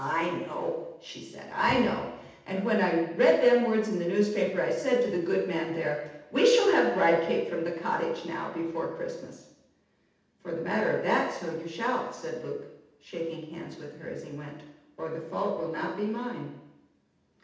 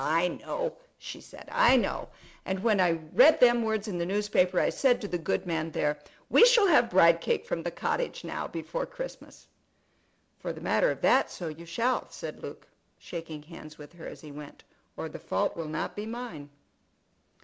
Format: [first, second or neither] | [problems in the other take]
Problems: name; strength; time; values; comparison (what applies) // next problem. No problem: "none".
second | room echo; dies away in 0.8 s